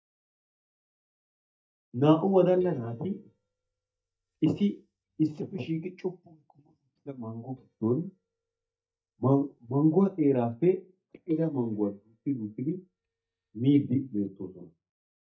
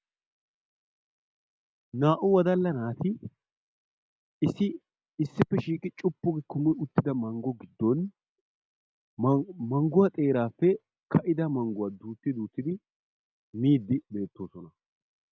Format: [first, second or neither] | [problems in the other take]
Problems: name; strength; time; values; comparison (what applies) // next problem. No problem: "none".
second | noise reduction (neural mask model DeepFilterNet 3)